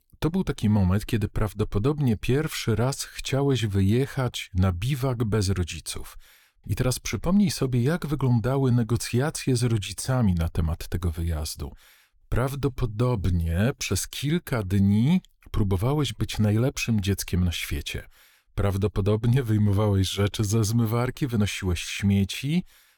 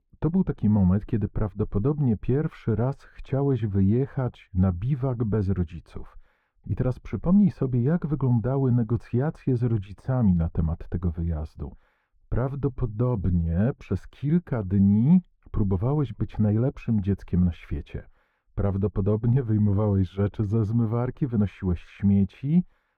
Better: first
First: none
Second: muffled; very; fading above 3 kHz

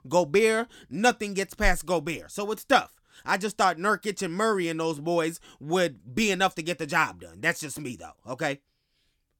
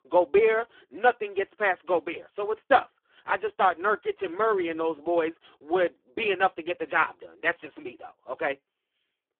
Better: first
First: none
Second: phone-call audio; poor line

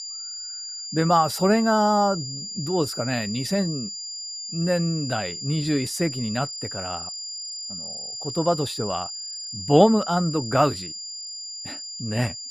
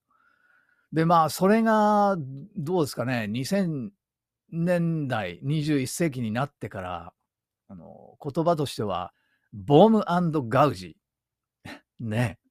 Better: second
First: high-pitched whine; loud; throughout; 5 kHz, 8 dB below the speech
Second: none

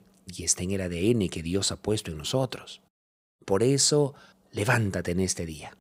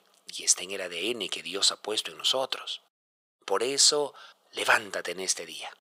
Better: first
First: none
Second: thin; very; fading below 650 Hz

